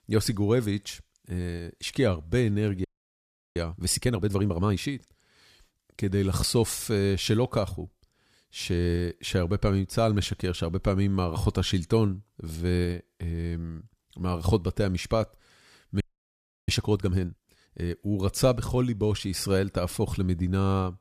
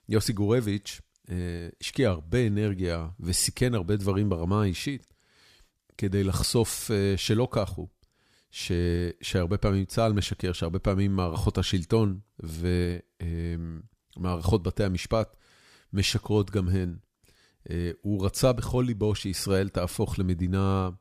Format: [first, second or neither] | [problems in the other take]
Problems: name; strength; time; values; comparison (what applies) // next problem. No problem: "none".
second | audio freezing; at 3 s for 0.5 s and at 16 s for 0.5 s